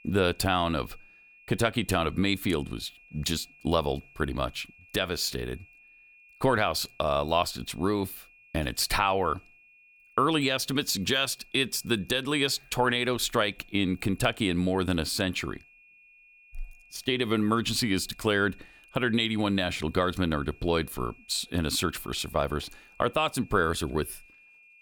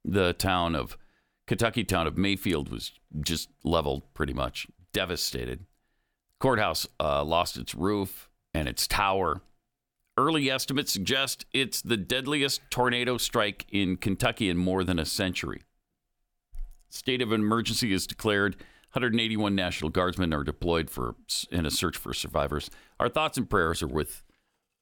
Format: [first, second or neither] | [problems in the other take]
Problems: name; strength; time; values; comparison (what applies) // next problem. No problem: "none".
second | high-pitched whine; faint; throughout; 2.5 kHz, 25 dB below the speech